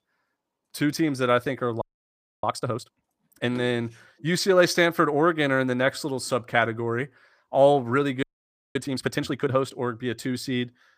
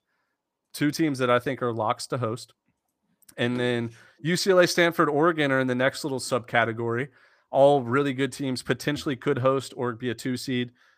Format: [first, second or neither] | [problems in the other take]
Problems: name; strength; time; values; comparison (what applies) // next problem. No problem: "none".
second | audio freezing; at 2 s for 0.5 s and at 8 s for 0.5 s